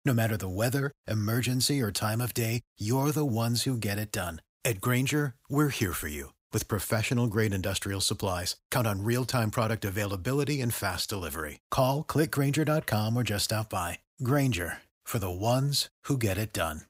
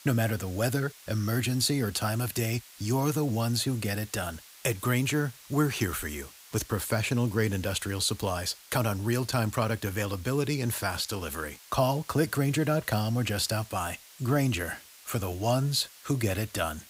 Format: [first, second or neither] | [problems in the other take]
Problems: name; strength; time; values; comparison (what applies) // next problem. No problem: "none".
first | hiss; noticeable; throughout; 20 dB below the speech